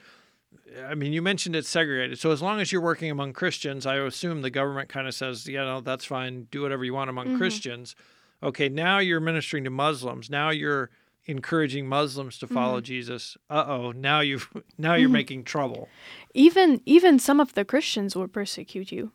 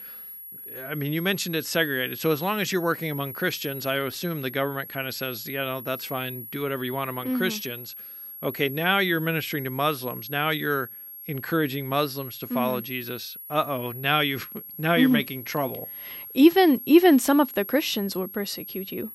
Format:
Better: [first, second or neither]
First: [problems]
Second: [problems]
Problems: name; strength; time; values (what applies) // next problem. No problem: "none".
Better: first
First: none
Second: high-pitched whine; noticeable; throughout; 11.5 kHz, 10 dB below the speech